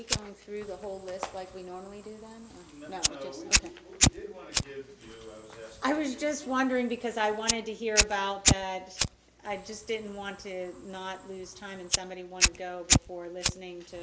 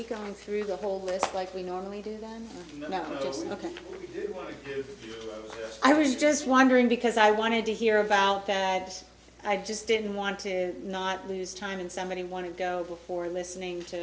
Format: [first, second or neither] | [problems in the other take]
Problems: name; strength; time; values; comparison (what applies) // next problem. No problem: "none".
second | background sound (Fire); 3 dB above the speech